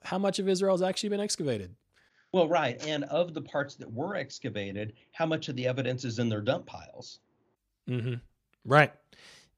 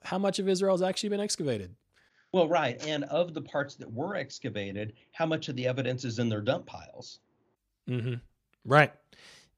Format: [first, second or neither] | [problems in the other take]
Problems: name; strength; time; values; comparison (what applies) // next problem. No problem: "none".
neither | none